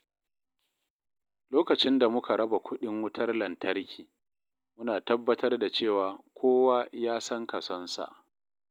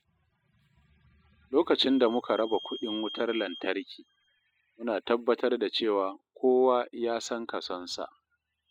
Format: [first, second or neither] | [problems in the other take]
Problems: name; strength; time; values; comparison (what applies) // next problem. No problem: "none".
first | noise reduction (classical method spectral subtraction)